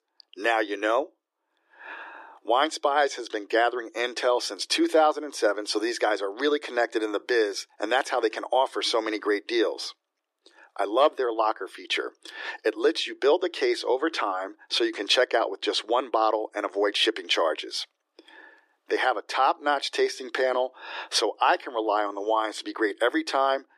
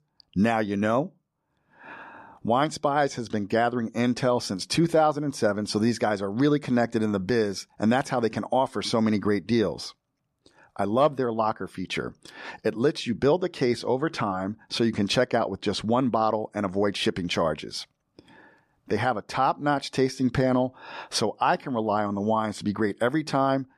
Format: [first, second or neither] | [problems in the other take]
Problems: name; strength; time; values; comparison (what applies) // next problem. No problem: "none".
second | thin; very; fading below 300 Hz